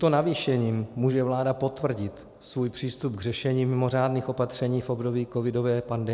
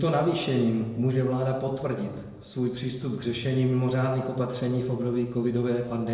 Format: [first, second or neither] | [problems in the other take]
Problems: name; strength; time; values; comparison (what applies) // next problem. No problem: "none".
first | room echo; dies away in 1 s